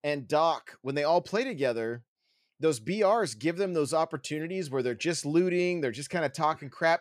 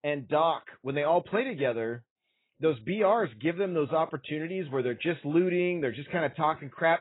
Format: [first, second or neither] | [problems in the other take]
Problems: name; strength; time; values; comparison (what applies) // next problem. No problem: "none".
first | garbled, watery; badly; nothing above 4 kHz